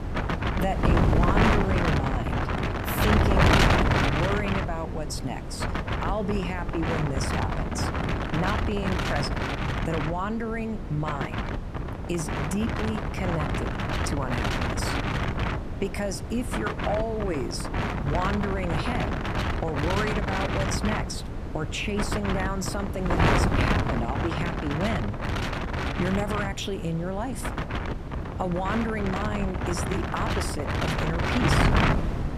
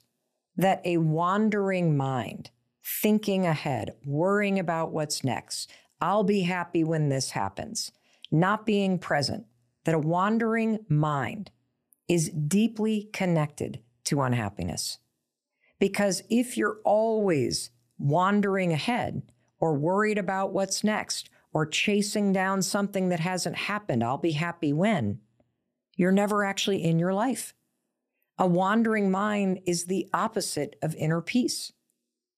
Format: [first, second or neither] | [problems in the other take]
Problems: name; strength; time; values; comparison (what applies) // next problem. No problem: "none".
second | wind noise on the microphone; heavy; 4 dB above the speech